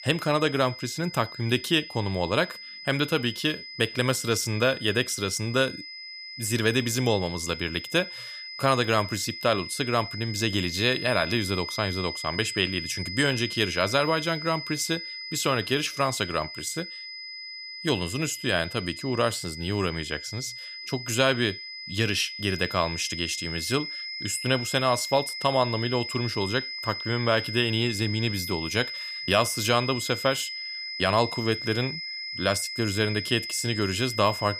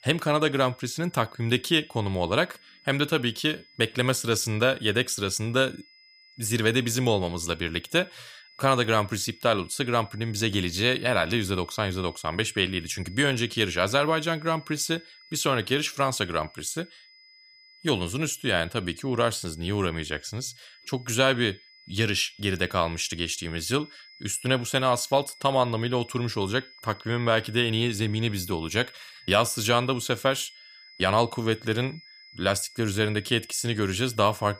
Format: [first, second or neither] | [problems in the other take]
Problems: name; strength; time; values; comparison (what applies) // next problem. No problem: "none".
second | high-pitched whine; loud; throughout; 5 kHz, 8 dB below the speech; faint in the second